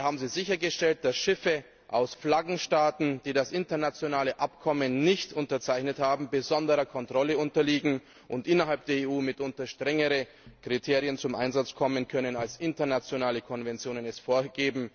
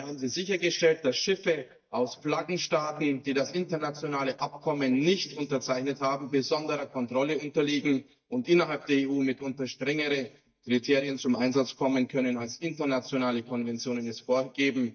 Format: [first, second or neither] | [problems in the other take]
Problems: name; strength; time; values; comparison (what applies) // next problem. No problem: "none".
first | noise reduction (neural mask model DeepFilterNet 3)